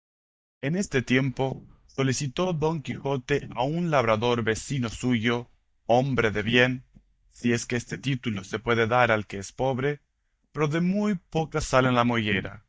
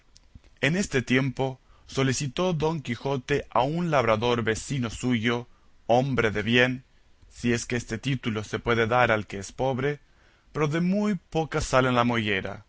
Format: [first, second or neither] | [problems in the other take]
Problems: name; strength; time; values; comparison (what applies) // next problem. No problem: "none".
second | noise reduction (neural mask model DeepFilterNet 3)